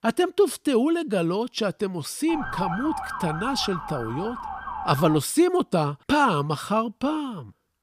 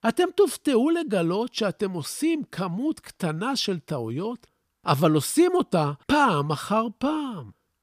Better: second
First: siren; noticeable; from 2.5 to 5 s; peak 5 dB below the speech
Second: none

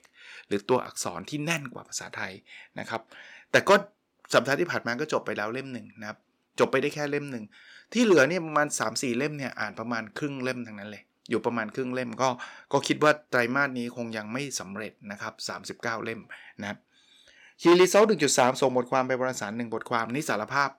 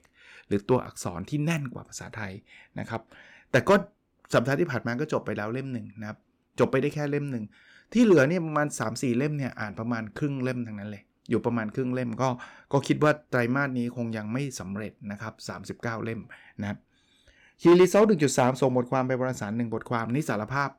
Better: second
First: thin; very slightly; fading below 500 Hz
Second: none

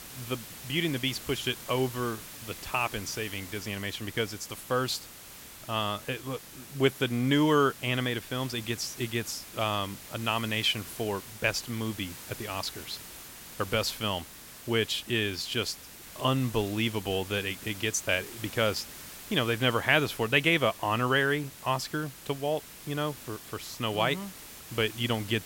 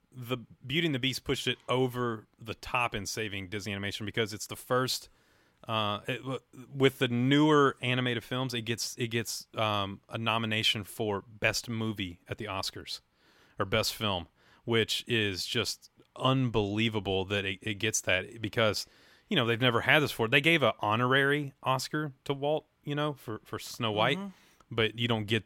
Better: second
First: hiss; noticeable; throughout; 15 dB below the speech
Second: none

